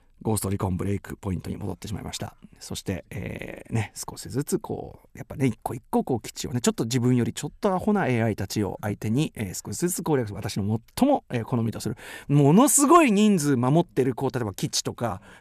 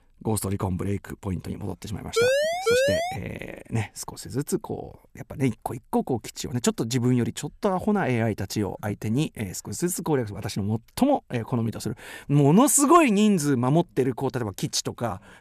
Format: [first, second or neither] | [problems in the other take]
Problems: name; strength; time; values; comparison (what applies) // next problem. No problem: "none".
first | siren; loud; from 2 to 3 s; peak 4 dB above the speech